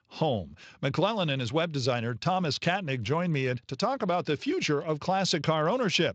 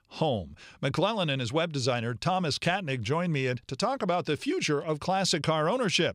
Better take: second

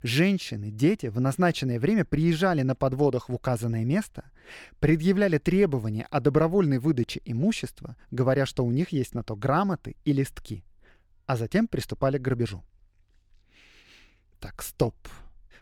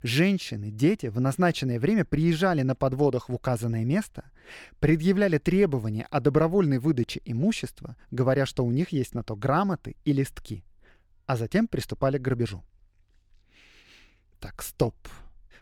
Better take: neither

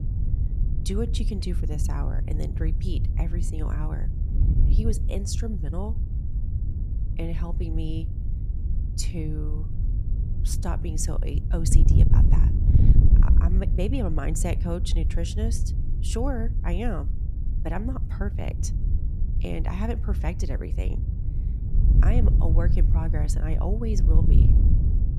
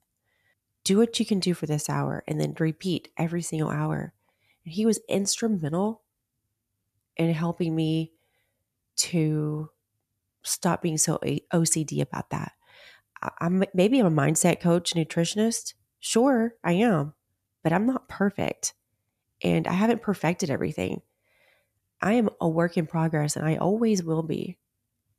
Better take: second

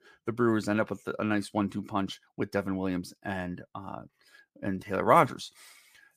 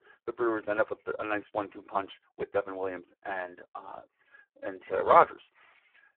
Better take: first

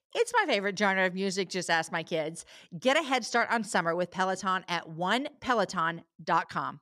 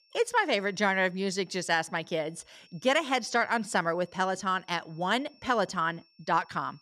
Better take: first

